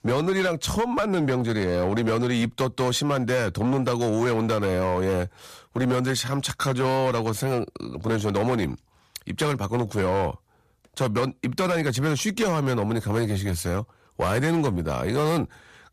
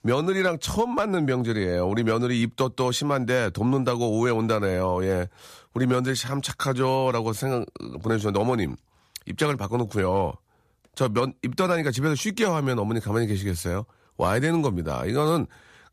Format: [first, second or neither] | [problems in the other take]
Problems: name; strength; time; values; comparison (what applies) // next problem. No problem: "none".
second | distortion; slight; 11% of the sound clipped